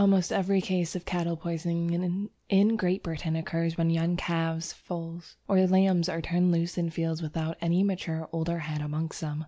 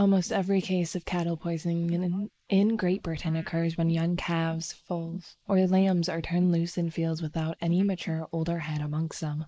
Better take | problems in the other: first | noise reduction (neural mask model Resemble Enhance denoiser)

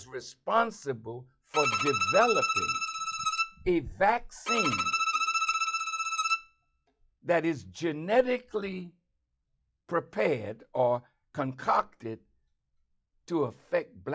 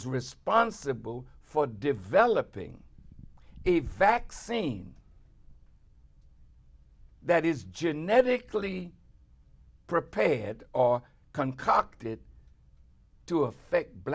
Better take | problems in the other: second | noise reduction (classical method log-MMSE)

